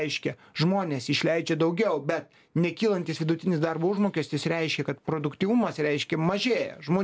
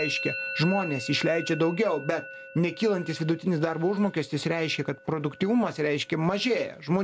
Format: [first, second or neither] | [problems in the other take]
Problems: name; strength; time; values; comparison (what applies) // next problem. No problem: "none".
first | background sound (Musical instrument); 13 dB below the speech